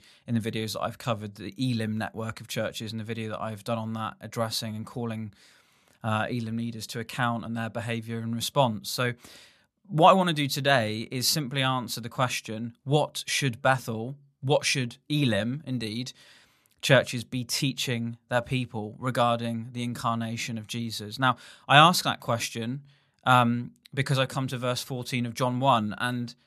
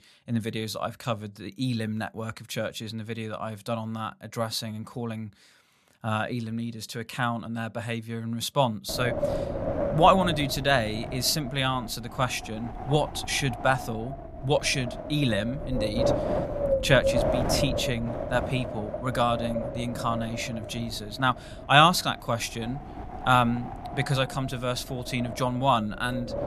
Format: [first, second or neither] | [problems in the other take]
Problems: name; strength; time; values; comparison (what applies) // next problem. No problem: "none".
first | wind noise on the microphone; heavy; from 9 s on; 6 dB below the speech